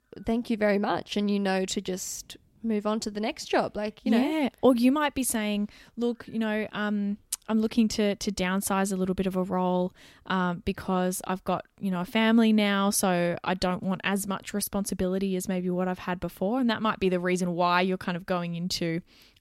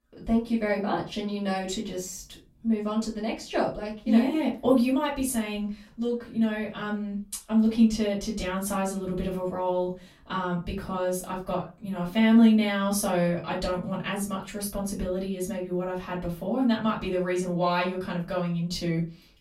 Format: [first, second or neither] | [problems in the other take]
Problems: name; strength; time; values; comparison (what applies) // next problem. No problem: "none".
first | room echo; slight; dies away in 0.3 s // off-mic speech; far